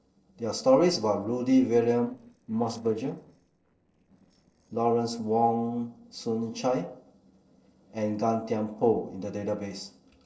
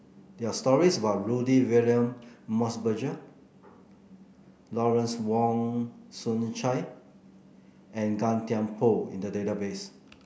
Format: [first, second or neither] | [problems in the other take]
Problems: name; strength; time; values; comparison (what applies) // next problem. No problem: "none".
second | noise reduction (neural separator model SepFormer DNS4)